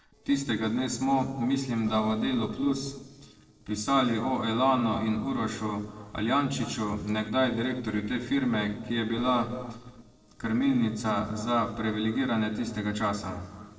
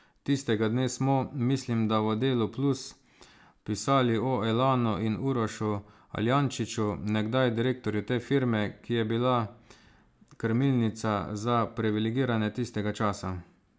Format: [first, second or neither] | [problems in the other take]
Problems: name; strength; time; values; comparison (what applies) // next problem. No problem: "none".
second | noise reduction (neural separator model SepFormer DNS4)